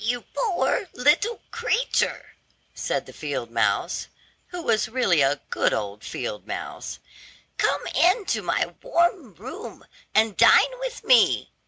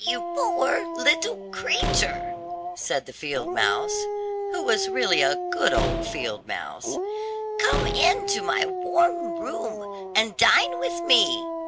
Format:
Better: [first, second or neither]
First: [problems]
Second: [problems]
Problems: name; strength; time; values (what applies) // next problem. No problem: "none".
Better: first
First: none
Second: background sound (Dog + Slam); 3 dB below the speech